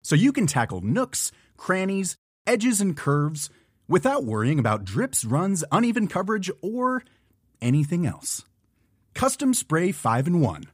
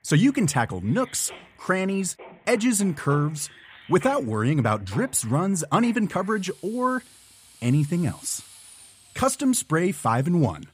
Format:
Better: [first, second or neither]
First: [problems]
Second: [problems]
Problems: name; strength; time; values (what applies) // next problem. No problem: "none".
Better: first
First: none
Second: machinery noise; faint; throughout; 20 dB below the speech